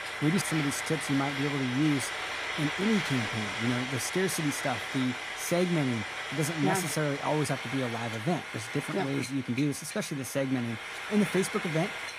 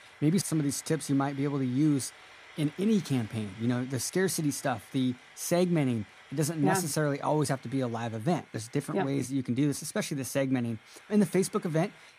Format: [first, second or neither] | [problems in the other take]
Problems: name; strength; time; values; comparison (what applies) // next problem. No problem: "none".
second | household noises; loud; throughout; 4 dB below the speech; faint in the second